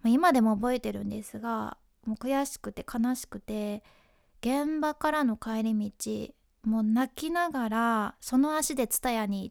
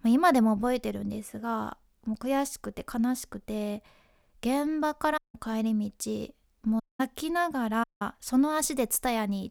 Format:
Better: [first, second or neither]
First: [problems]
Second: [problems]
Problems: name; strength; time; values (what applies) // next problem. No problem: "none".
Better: first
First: none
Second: audio cutting out; at 5 s, at 7 s and at 8 s